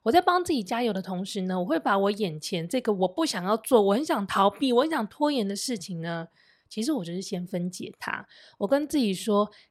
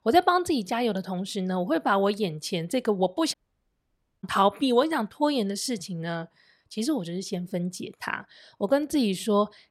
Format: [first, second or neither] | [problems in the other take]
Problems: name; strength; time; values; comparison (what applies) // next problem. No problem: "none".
first | audio cutting out; at 3.5 s for 1 s